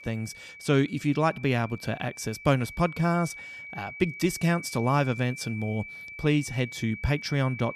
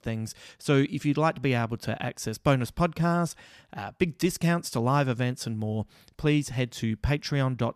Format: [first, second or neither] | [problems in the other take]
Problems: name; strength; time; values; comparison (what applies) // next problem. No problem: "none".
second | high-pitched whine; noticeable; throughout; 2.5 kHz, 15 dB below the speech